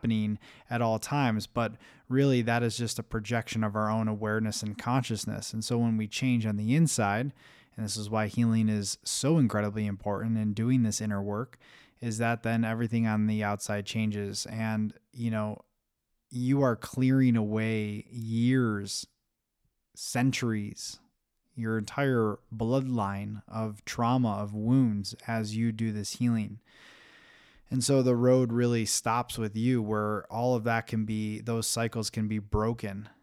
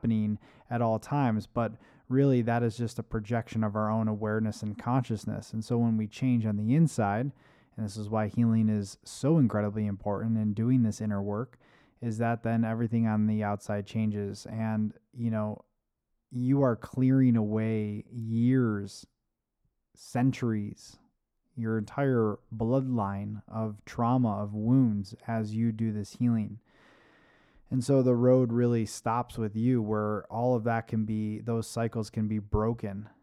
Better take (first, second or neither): first